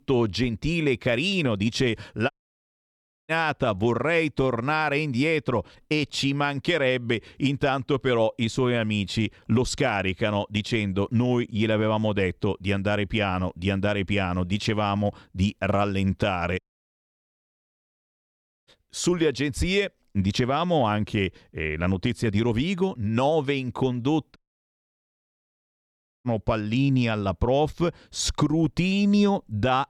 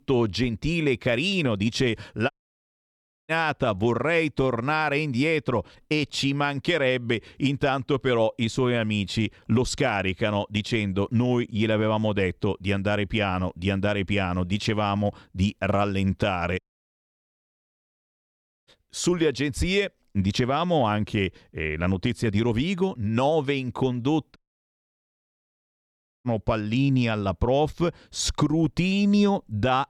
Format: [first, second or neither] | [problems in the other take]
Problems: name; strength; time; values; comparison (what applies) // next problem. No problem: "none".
neither | audio cutting out; at 2.5 s for 1 s, at 17 s for 2 s and at 24 s for 2 s; the same in both